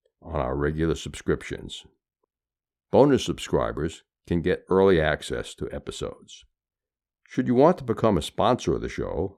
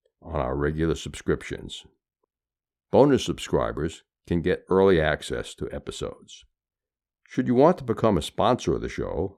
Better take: neither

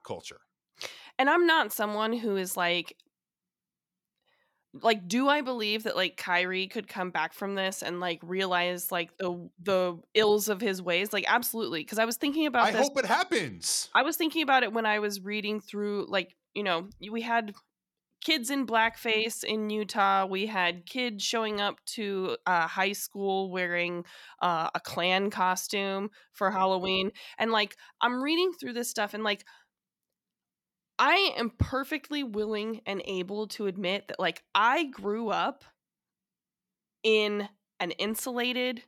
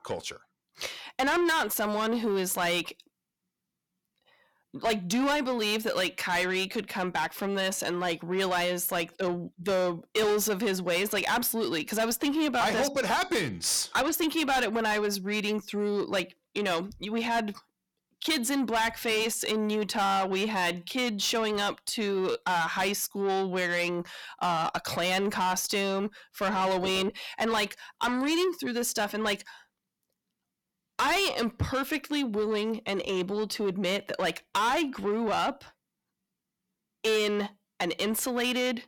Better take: first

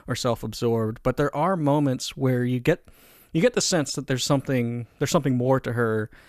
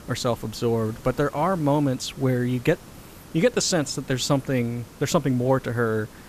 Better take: first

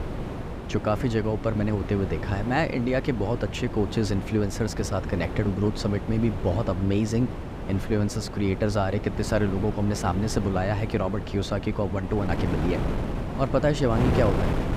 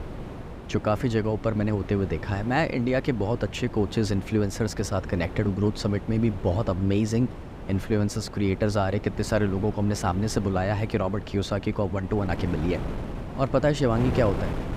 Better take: second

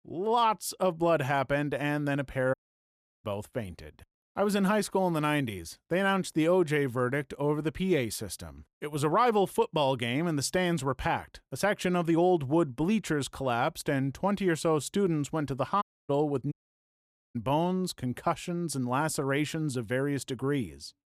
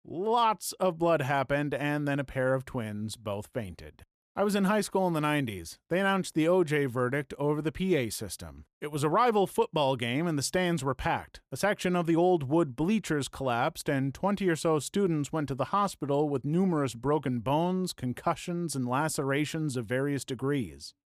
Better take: second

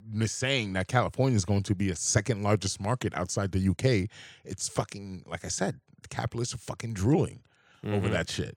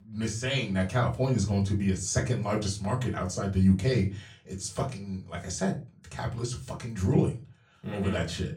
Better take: first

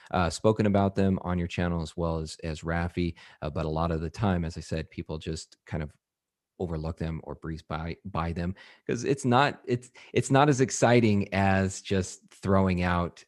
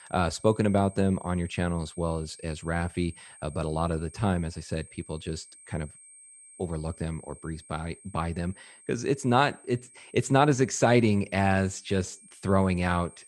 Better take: first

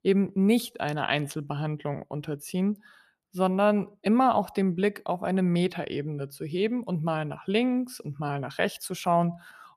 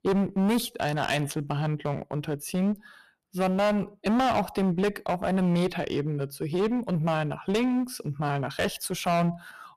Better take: first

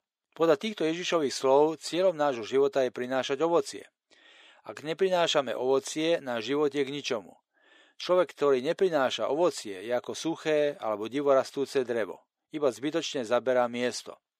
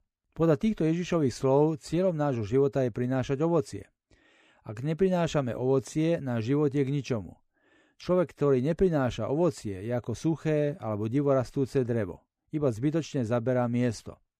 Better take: second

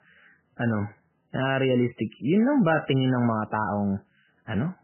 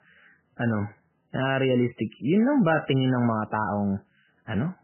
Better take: neither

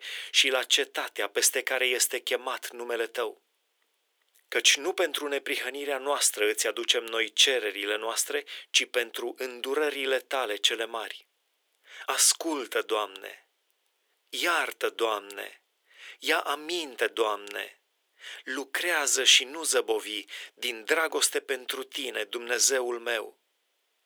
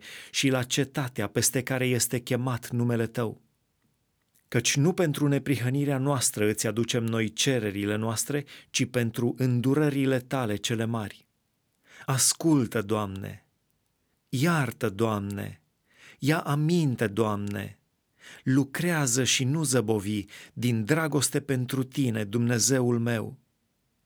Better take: second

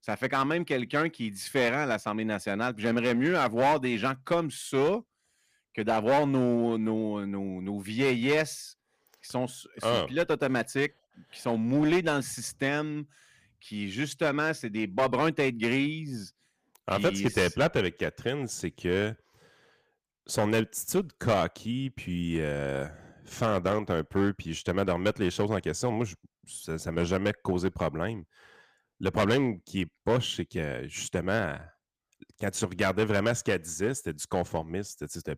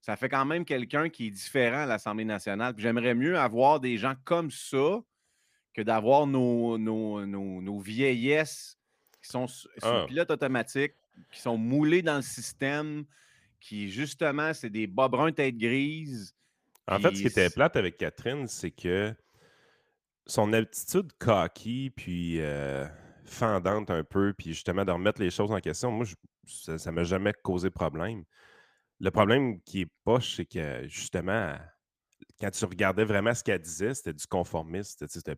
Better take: second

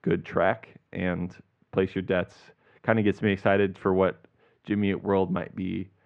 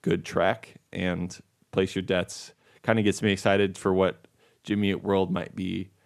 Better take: second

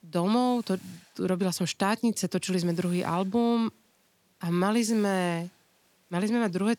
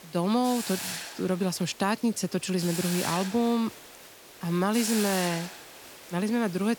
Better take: first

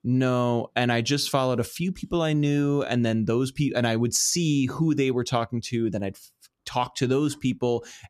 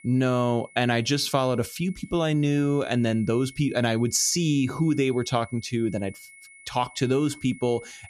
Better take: first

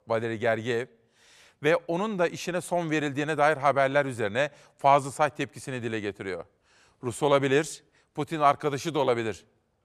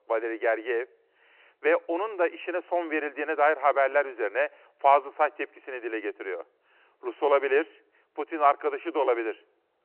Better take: first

